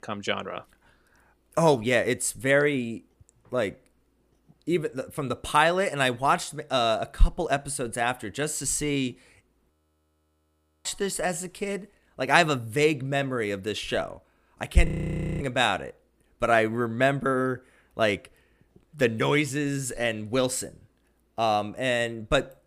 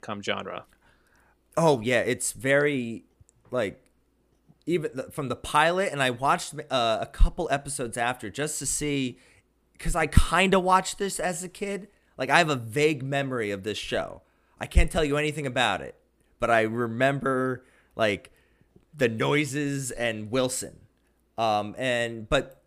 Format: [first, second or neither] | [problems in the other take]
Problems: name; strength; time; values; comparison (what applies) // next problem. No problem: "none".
second | audio freezing; at 9.5 s for 1 s and at 15 s for 0.5 s